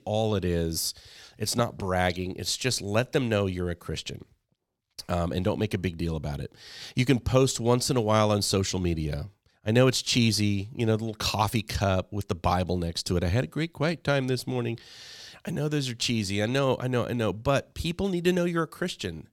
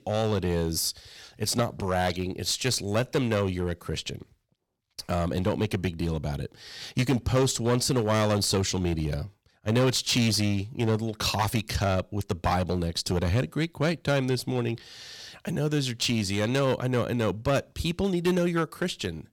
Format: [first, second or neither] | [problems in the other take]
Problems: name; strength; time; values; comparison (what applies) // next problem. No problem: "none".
first | distortion; slight; 5% of the sound clipped